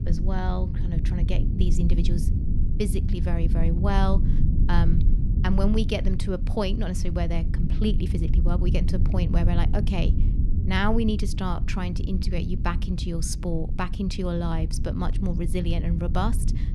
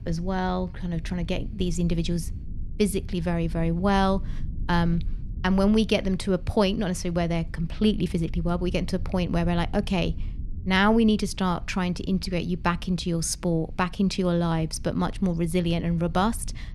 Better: second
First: low rumble; loud; throughout; 8 dB below the speech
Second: low rumble; faint; throughout; 25 dB below the speech

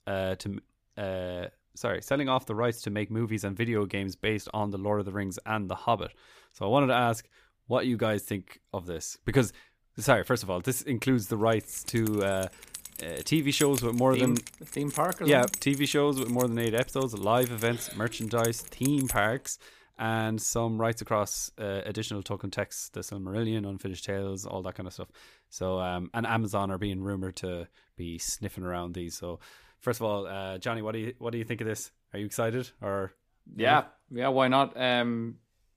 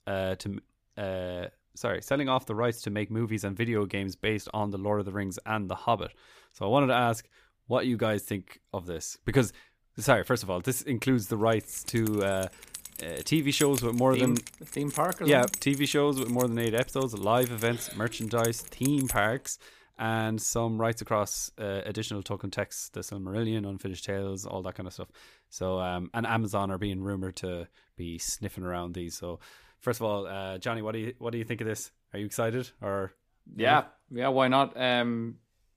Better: neither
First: jangling keys; noticeable; from 12 to 19 s; peak 4 dB below the speech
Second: jangling keys; noticeable; from 12 to 19 s; peak 4 dB below the speech

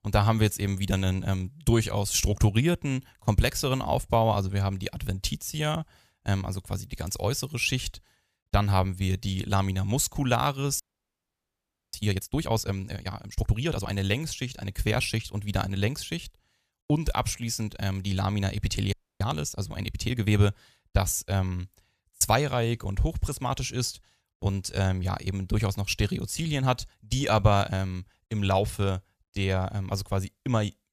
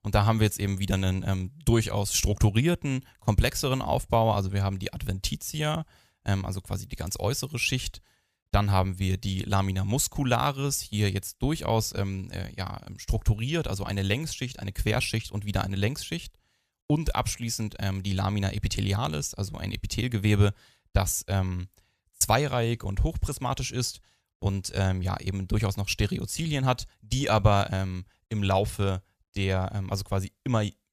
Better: second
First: audio freezing; at 11 s for 1 s and at 19 s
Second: none

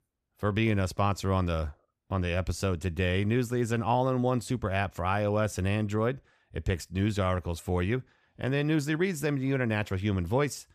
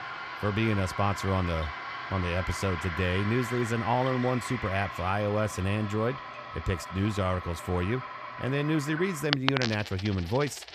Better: first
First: none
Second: household noises; loud; throughout; 7 dB below the speech

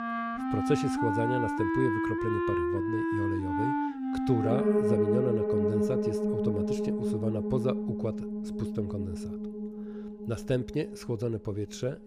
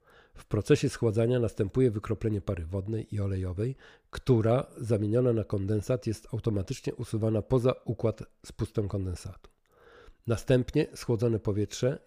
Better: second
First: background music; very loud; throughout; 3 dB above the speech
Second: none

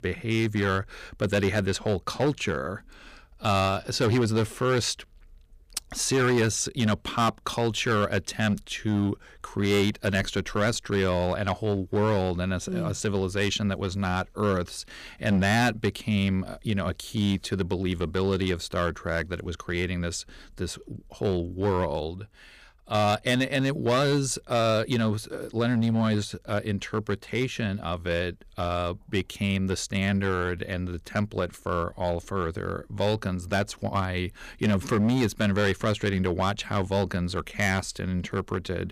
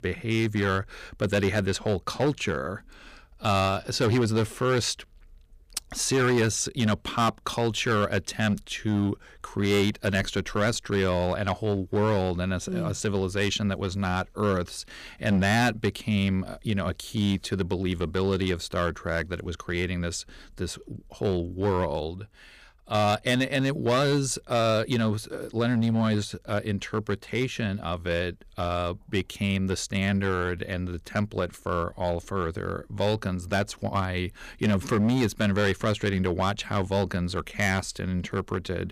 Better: neither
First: distortion; slight; 5% of the sound clipped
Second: distortion; slight; 5% of the sound clipped

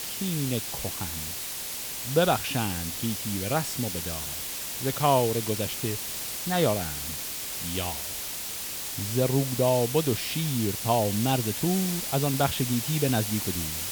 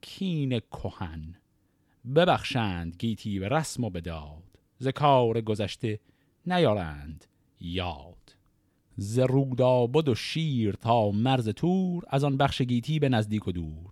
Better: second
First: hiss; loud; throughout; 3 dB below the speech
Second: none

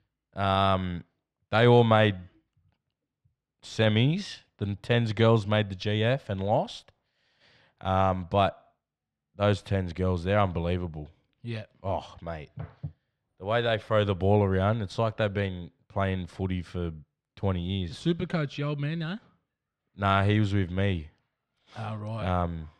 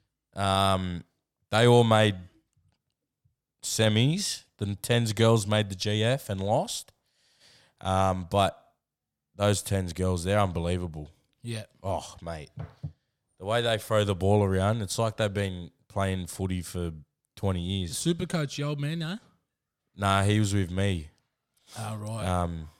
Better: second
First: muffled; slightly; fading above 2.5 kHz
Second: none

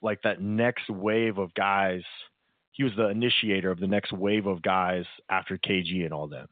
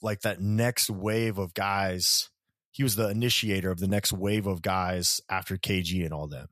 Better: second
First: phone-call audio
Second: none

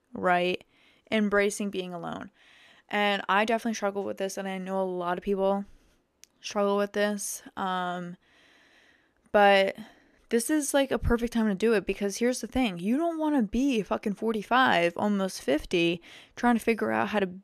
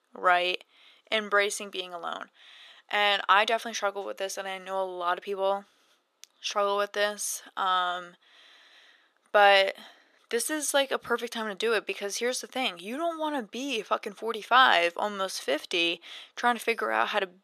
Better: first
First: none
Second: thin; somewhat; fading below 500 Hz

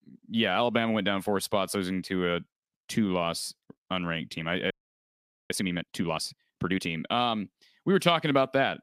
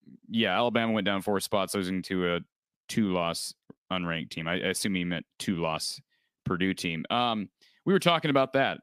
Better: second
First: audio freezing; at 4.5 s for 1 s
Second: none

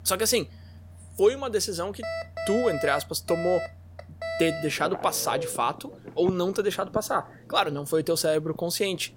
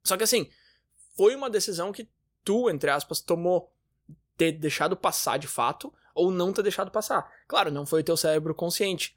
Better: second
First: alarms or sirens; loud; throughout; 9 dB below the speech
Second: none

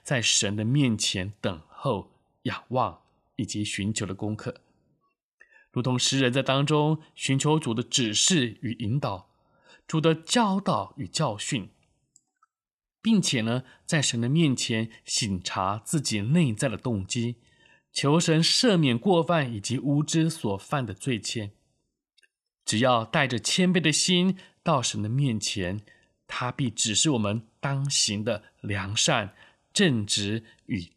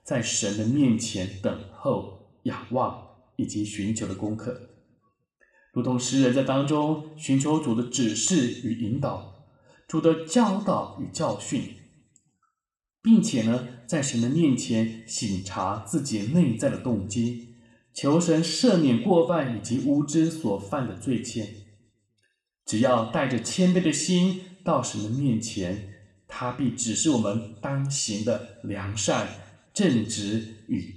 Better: first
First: none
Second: room echo; slight; dies away in 0.7 s

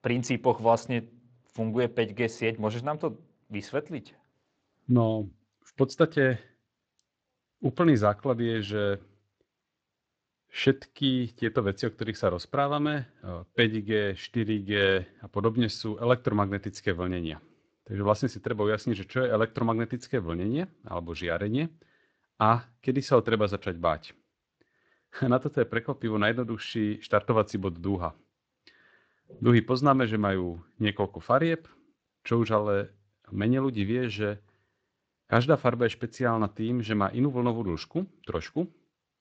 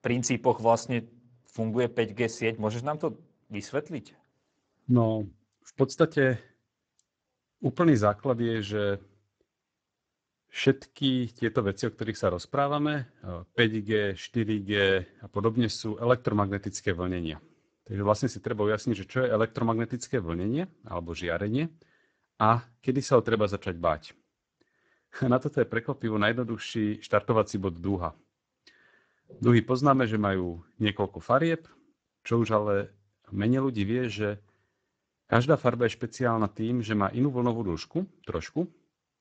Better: first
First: garbled, watery; slightly; nothing above 7.5 kHz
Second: garbled, watery; badly; nothing above 7.5 kHz

